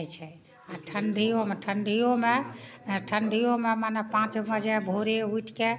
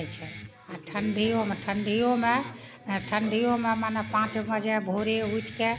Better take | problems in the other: first | background sound (Guitar); 15 dB below the speech

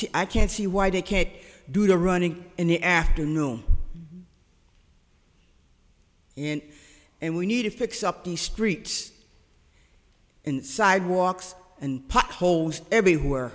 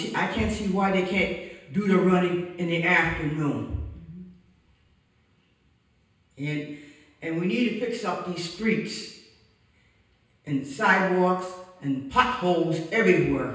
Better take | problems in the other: first | room echo; dies away in 0.9 s

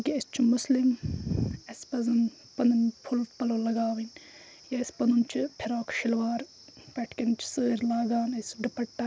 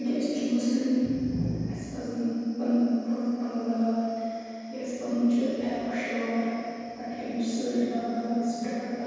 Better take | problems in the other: first | room echo; dies away in 2.2 s

